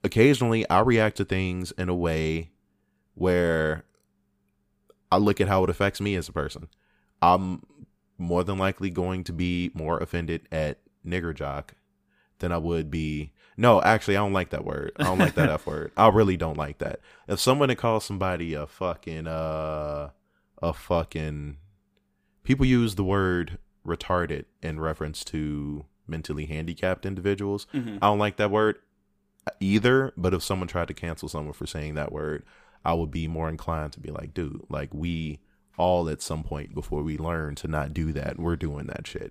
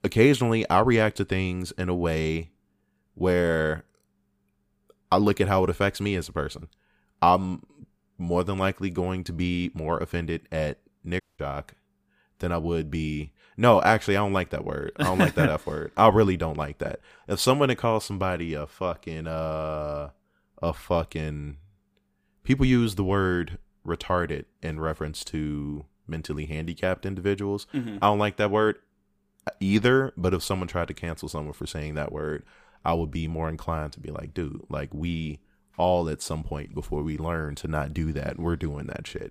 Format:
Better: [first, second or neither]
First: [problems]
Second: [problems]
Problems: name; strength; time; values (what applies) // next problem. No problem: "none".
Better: first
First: none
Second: audio cutting out; at 11 s